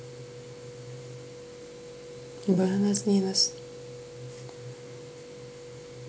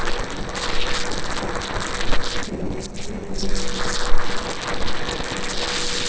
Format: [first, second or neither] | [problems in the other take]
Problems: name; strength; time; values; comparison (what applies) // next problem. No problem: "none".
first | noise reduction (neural separator model SepFormer DNS4)